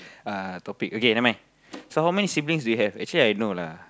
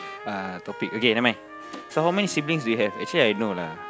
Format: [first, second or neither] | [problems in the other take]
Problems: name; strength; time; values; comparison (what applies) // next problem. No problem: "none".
first | background sound (Trumpet + Harp); 13 dB below the speech